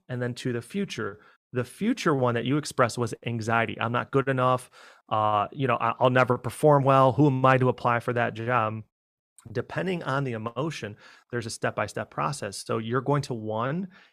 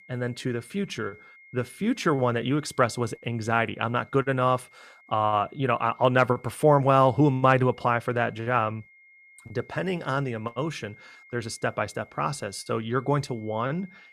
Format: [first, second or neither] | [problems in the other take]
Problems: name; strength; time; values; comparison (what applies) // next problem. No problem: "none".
first | high-pitched whine; faint; throughout; 2 kHz, 25 dB below the speech